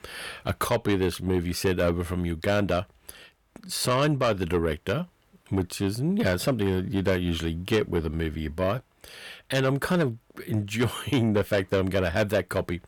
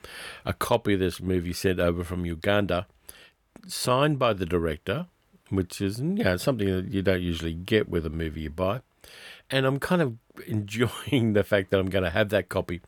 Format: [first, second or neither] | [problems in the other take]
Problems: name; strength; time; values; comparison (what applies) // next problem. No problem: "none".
second | distortion; slight; 10 dB below the speech